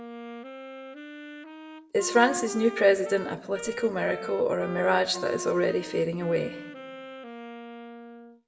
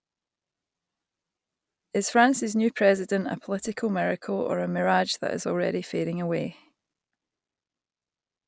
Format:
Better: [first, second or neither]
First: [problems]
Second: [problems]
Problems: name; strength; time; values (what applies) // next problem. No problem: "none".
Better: second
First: background sound (Wind instrument, woodwind instrument); 12 dB below the speech // room echo; dies away in 0.7 s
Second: none